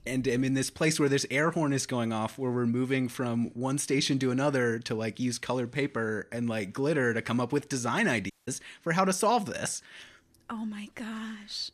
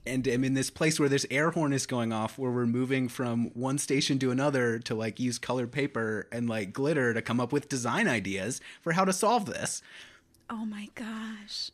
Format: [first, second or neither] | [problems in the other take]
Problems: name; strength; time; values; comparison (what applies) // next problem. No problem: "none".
second | audio cutting out; at 8.5 s